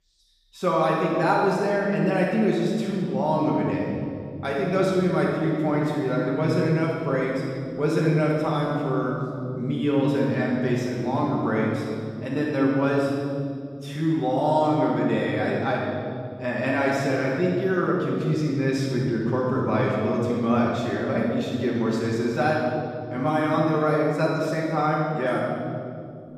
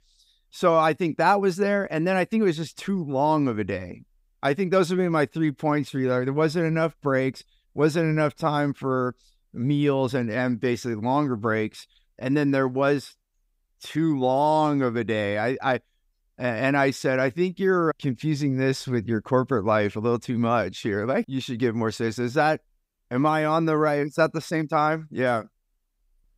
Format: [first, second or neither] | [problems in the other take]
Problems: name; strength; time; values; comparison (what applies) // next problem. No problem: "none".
second | room echo; strong; dies away in 2.7 s // off-mic speech; far